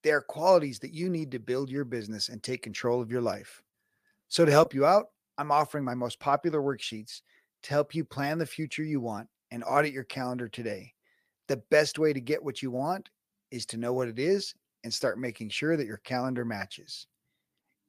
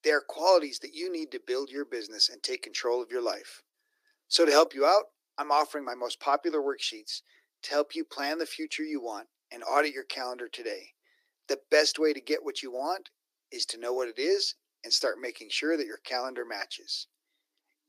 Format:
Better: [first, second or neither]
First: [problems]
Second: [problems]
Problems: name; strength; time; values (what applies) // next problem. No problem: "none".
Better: first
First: none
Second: thin; somewhat; fading below 300 Hz